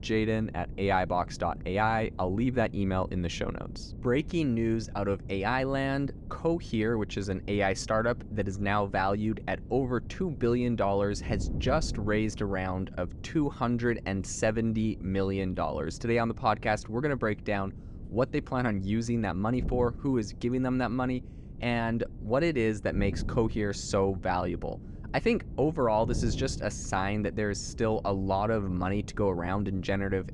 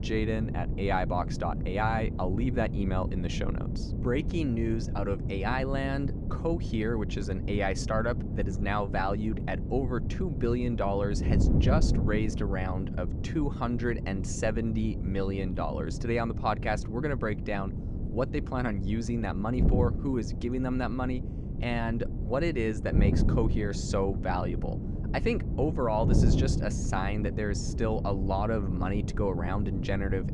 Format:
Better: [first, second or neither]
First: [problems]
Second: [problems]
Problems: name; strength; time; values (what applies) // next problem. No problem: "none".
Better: first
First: wind noise on the microphone; occasional gusts; 20 dB below the speech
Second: wind noise on the microphone; heavy; 9 dB below the speech